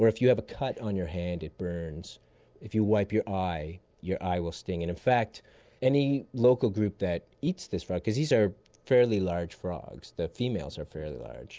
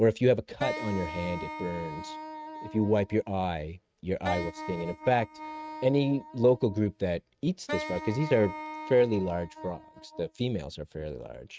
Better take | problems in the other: first | noise reduction (neural mask model RNNoise)

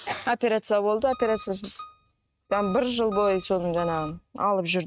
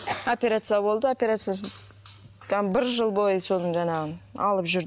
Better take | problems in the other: second | noise reduction (neural mask model RNNoise)

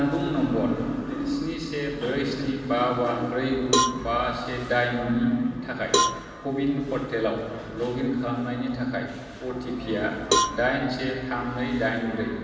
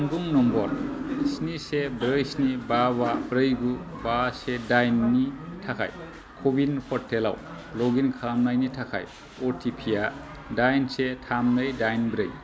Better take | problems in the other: second | background sound (Cowbell); 3 dB below the speech // room echo; dies away in 1.6 s

